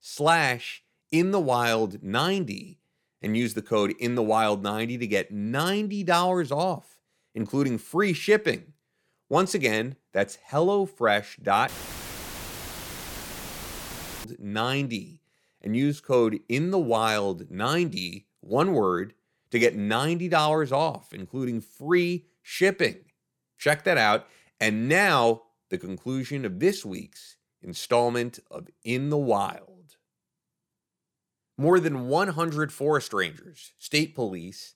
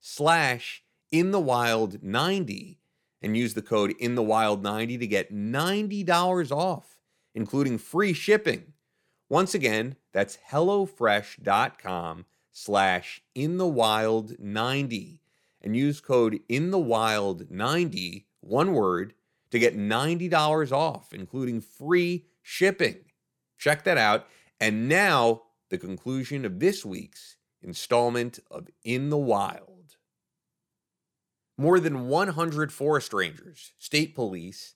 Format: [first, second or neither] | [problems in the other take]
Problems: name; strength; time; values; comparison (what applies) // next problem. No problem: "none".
second | audio cutting out; filled with static; at 12 s for 2.5 s